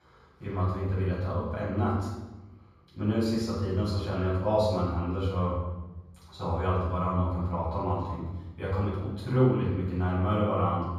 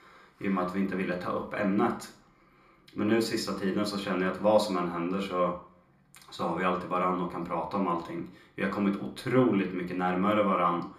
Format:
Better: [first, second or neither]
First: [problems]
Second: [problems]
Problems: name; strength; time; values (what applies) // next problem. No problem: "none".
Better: second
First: room echo; strong; dies away in 1.3 s // off-mic speech; far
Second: room echo; slight; dies away in 0.4 s // off-mic speech; somewhat distant